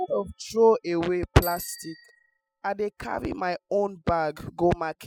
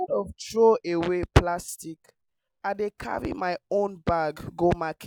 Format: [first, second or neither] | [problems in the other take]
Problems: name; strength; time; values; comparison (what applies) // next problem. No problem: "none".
second | noise reduction (classical method spectral subtraction)